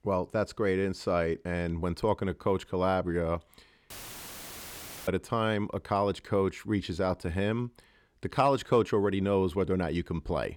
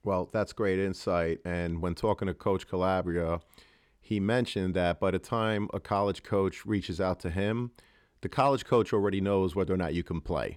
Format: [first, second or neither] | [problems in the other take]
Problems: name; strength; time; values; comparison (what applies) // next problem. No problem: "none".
second | audio cutting out; filled with static; at 4 s for 1 s